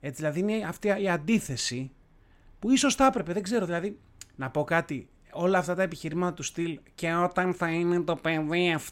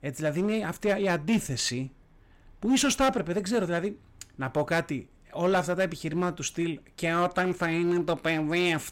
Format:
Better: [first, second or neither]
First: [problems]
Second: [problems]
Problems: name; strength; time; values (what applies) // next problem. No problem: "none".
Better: first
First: none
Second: distortion; slight; 6% of the sound clipped